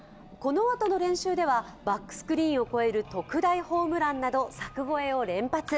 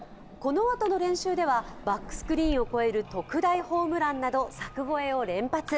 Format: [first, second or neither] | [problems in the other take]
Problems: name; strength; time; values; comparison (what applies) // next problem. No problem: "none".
first | background sound (Waves, surf); 14 dB below the speech